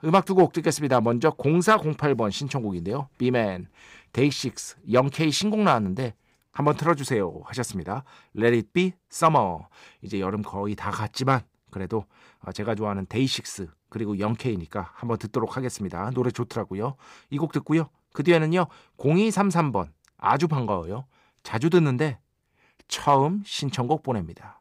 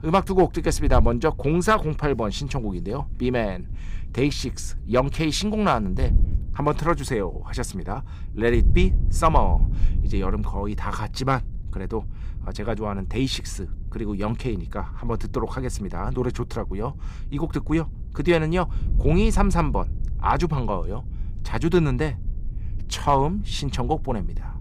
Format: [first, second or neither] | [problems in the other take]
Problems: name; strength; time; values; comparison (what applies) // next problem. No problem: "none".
first | wind noise on the microphone; occasional gusts; 20 dB below the speech